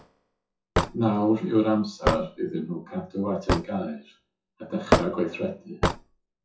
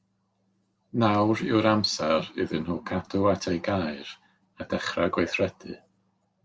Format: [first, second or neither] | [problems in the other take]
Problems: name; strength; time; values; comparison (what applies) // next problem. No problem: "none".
second | noise reduction (classical method WPE with log-MMSE)